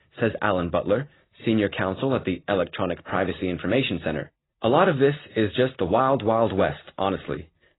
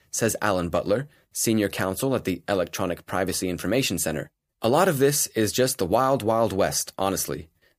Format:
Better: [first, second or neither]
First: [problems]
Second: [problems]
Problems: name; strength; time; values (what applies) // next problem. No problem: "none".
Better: second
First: garbled, watery; badly; nothing above 4 kHz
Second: none